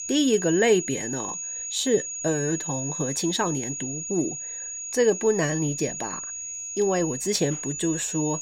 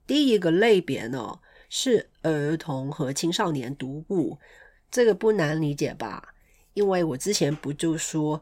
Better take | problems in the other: second | high-pitched whine; loud; throughout; 6.5 kHz, 5 dB below the speech

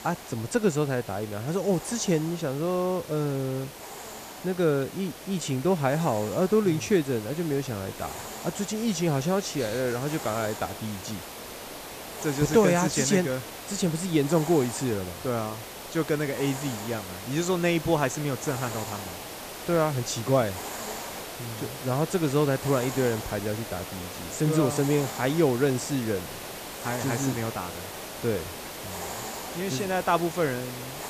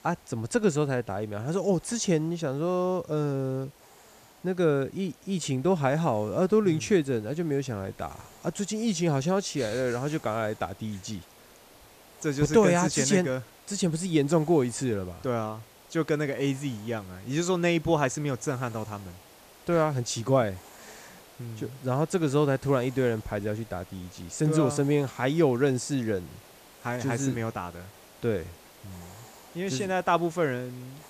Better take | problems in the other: second | hiss; loud; throughout; 10 dB below the speech; faint in the second

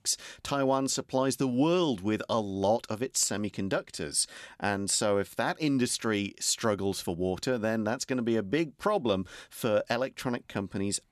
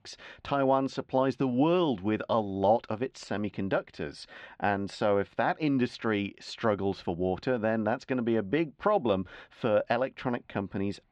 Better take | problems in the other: first | muffled; very; fading above 3 kHz

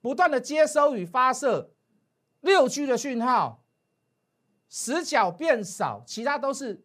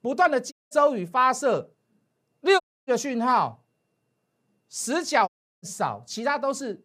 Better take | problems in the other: first | audio cutting out; at 0.5 s, at 2.5 s and at 5.5 s

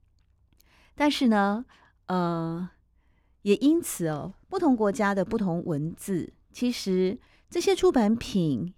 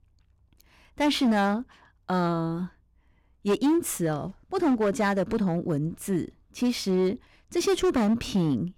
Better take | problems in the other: first | distortion; slight; 7% of the sound clipped

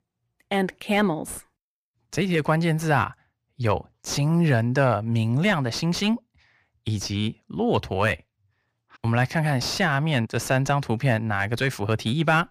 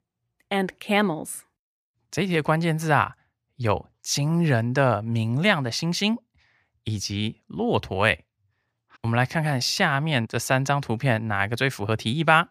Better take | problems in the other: second | distortion; slight; 10 dB below the speech

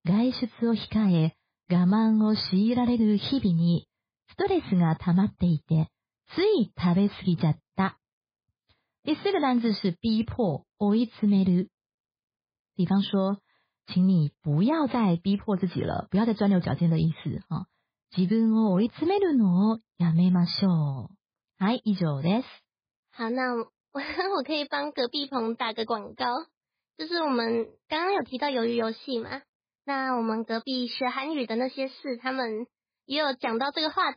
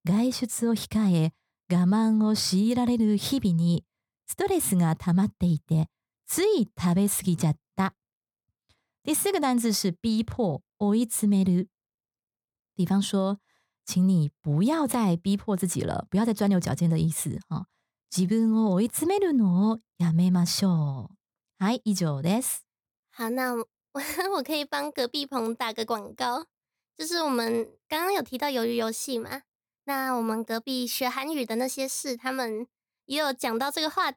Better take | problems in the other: second | garbled, watery; badly; nothing above 4.5 kHz

